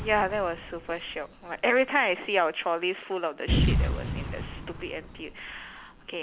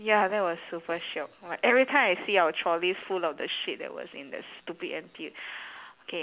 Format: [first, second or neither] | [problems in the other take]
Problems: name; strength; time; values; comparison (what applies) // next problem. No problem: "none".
second | background sound (Boom); 3 dB below the speech